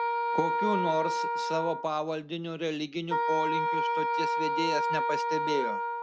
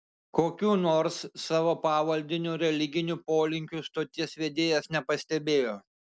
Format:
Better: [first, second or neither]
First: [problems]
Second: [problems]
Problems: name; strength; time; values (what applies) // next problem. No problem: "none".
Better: second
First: background sound (Wind instrument, woodwind instrument); 3 dB above the speech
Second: none